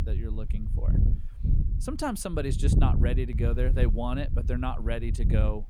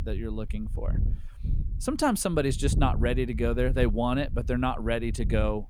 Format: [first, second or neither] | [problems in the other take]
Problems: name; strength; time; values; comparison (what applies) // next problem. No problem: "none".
second | wind noise on the microphone; heavy; 8 dB below the speech; occasional gusts in the second